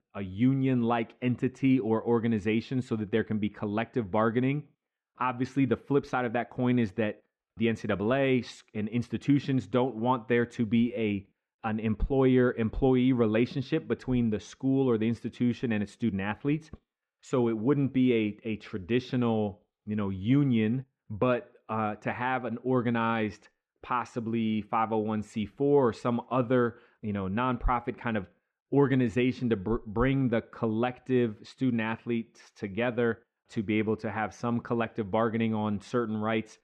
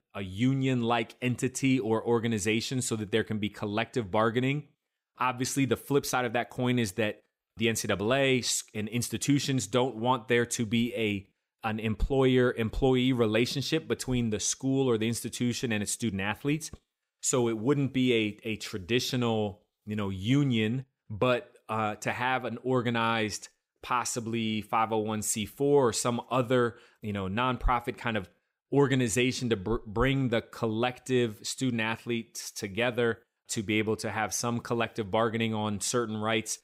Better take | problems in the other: second | muffled; very; fading above 2 kHz

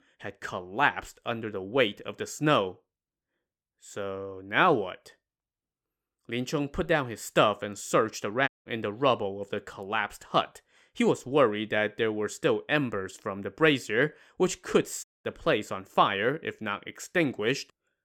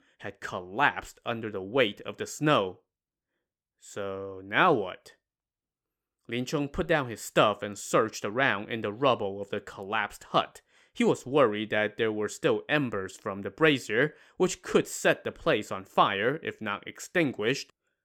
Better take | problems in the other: second | audio cutting out; at 8.5 s and at 15 s

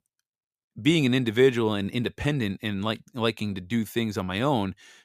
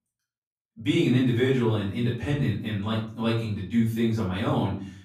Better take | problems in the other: first | off-mic speech; far // room echo; noticeable; dies away in 0.5 s

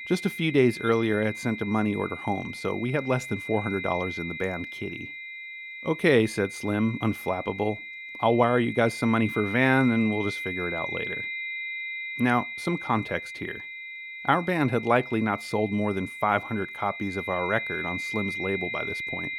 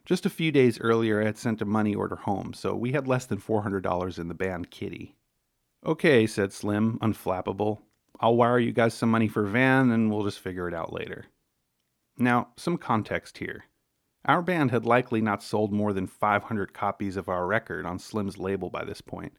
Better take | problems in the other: second | high-pitched whine; loud; throughout; 2 kHz, 7 dB below the speech

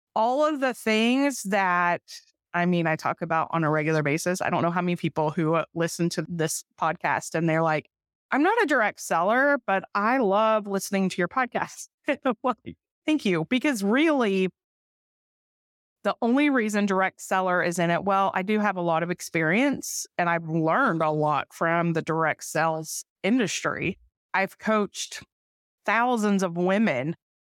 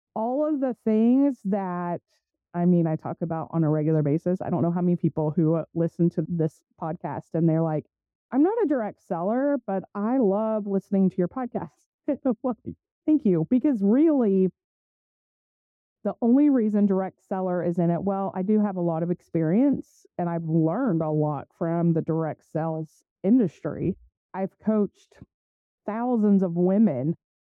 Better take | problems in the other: first | muffled; very; fading above 1 kHz

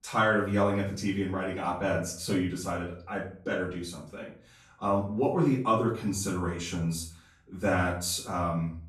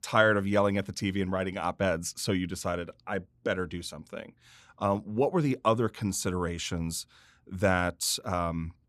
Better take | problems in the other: second | room echo; noticeable; dies away in 0.4 s // off-mic speech; far

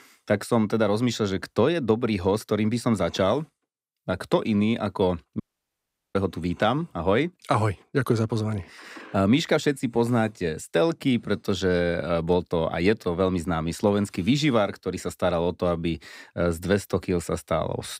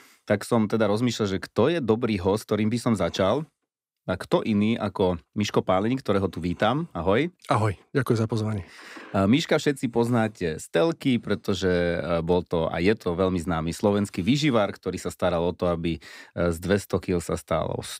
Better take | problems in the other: second | audio cutting out; at 5.5 s for 1 s

